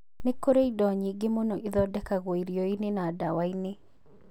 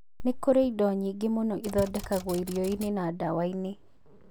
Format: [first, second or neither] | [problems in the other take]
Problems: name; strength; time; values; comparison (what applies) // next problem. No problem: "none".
first | background sound (Typewriter); 17 dB below the speech